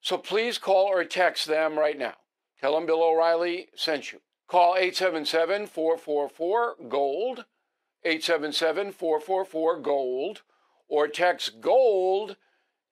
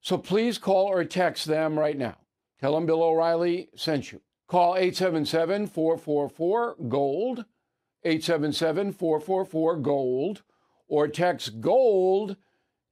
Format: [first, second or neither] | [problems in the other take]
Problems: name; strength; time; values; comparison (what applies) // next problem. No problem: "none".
second | thin; somewhat; fading below 500 Hz